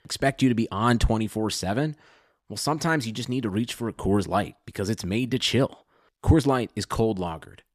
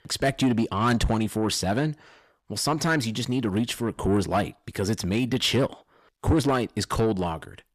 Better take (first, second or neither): first